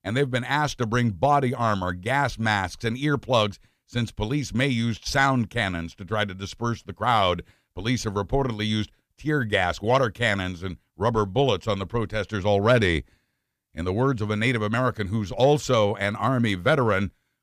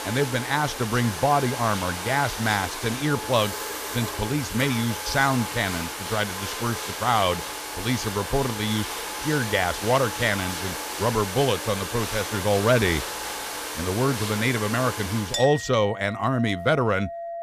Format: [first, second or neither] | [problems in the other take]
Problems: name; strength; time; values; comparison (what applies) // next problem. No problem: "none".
first | household noises; loud; throughout; 6 dB below the speech